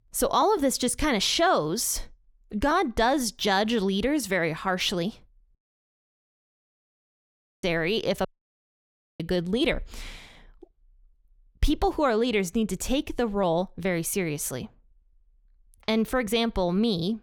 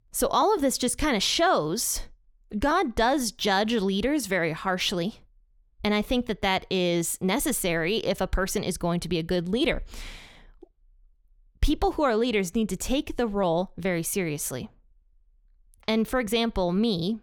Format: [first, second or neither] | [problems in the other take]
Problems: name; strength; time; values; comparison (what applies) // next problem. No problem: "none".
second | audio cutting out; at 5.5 s for 2 s and at 8.5 s for 1 s